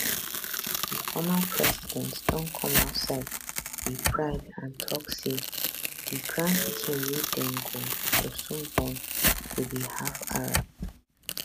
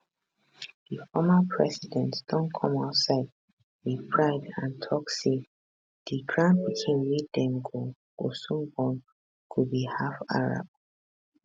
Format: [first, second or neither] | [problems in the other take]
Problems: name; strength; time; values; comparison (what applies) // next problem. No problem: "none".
second | background sound (Tearing); 3 dB above the speech